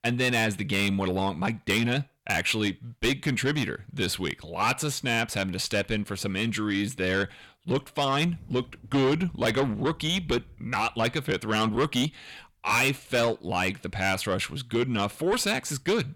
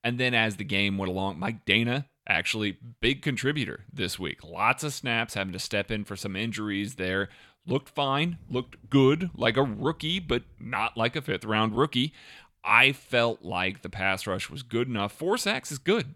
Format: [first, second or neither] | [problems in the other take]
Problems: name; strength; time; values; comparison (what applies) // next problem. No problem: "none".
second | distortion; heavy; 7 dB below the speech